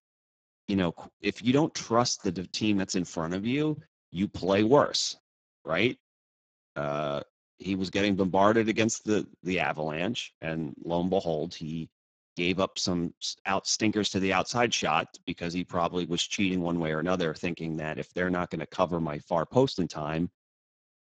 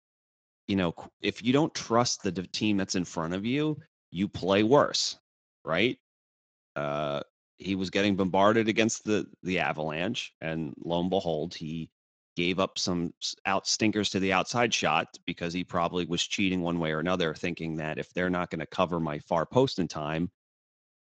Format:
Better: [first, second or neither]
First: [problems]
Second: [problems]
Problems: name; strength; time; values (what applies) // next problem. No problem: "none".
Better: second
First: garbled, watery; badly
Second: garbled, watery; slightly